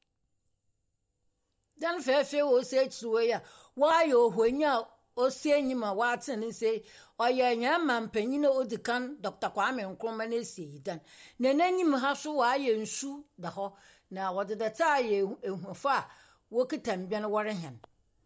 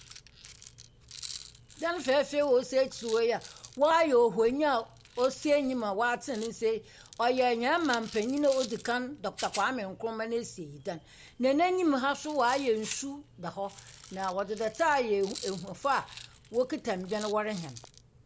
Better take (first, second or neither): first